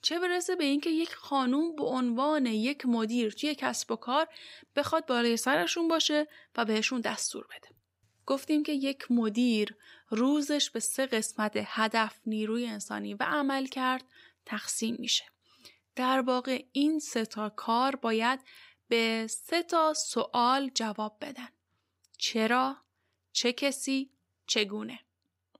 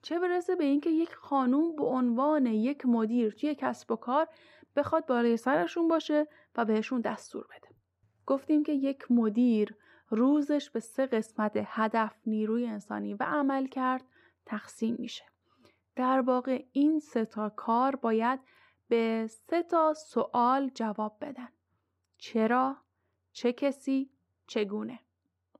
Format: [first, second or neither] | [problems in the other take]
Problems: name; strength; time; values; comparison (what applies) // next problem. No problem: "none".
first | muffled; very; fading above 2 kHz